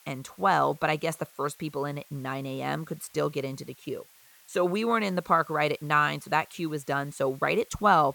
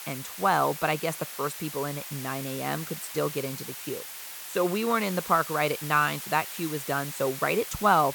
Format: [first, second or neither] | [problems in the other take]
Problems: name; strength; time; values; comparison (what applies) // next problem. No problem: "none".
first | hiss; loud; throughout; 8 dB below the speech; faint in the first